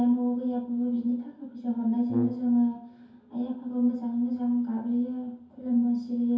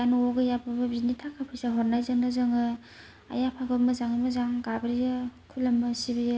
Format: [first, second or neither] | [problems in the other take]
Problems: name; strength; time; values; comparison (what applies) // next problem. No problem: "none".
second | background sound (Brass instrument); 8 dB below the speech // room echo; dies away in 0.6 s